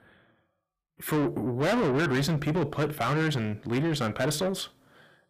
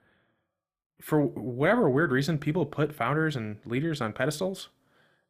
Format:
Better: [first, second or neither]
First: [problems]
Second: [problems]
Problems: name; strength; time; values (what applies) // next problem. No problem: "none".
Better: second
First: distortion; heavy; 7 dB below the speech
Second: none